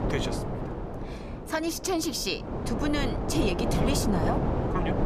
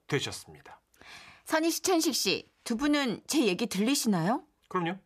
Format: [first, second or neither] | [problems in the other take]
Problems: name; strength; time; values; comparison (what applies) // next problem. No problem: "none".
second | wind noise on the microphone; heavy; 2 dB below the speech